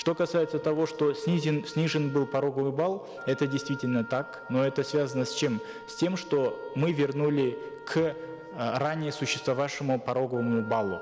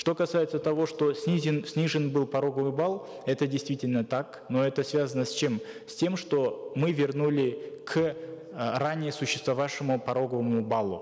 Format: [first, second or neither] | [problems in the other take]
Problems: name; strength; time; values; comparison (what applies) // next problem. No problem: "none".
second | background sound (Wind instrument, woodwind instrument); 18 dB below the speech